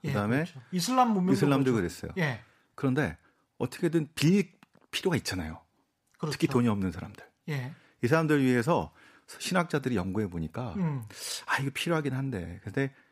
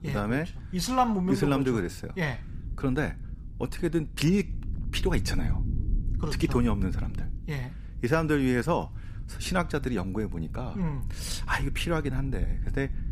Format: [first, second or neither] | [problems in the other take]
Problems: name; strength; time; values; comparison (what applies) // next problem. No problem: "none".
first | low rumble; noticeable; throughout; 20 dB below the speech